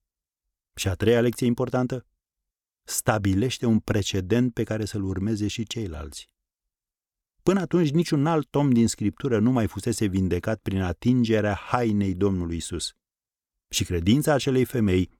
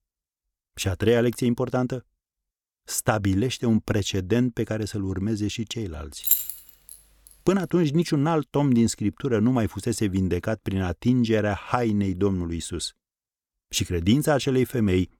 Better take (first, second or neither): first